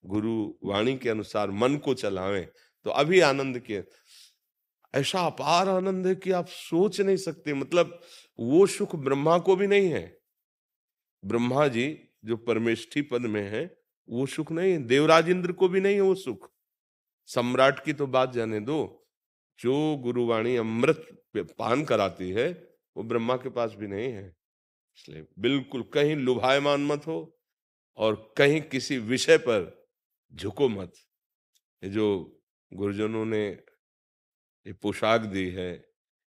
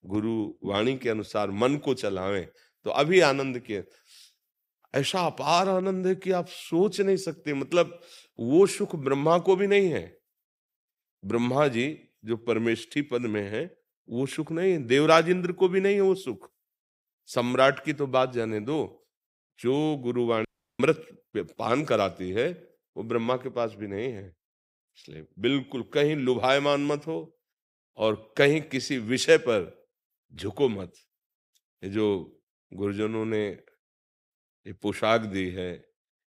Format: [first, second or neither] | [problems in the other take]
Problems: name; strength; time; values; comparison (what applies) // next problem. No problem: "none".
first | audio cutting out; at 20 s